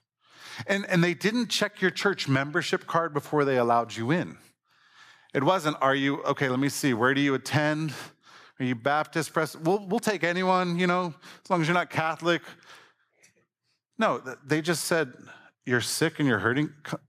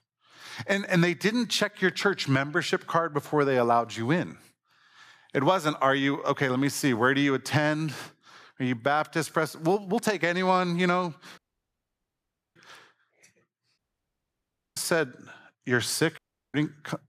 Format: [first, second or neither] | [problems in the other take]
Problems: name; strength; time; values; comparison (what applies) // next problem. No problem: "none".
first | audio cutting out; at 11 s for 1 s, at 14 s for 1 s and at 16 s